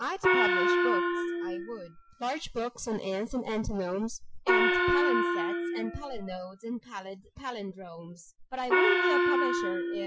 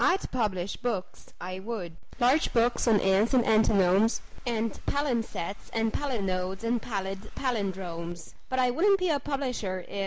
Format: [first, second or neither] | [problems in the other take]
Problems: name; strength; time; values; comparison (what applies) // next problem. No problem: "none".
second | noise reduction (classical method Wiener filter)